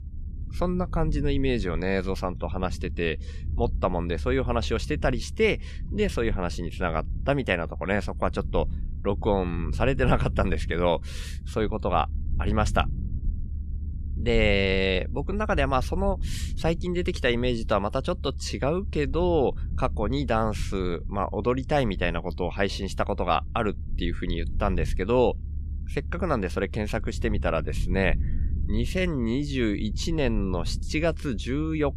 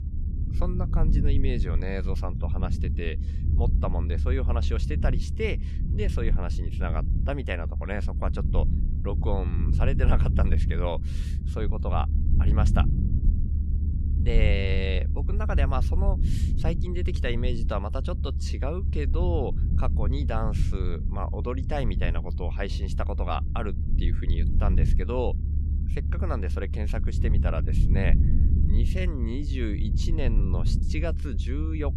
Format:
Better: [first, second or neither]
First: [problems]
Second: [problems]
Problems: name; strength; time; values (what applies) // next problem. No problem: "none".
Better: first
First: low rumble; faint; throughout; 20 dB below the speech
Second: low rumble; loud; throughout; 8 dB below the speech